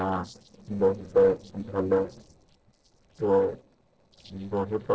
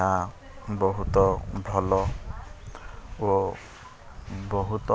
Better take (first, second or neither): second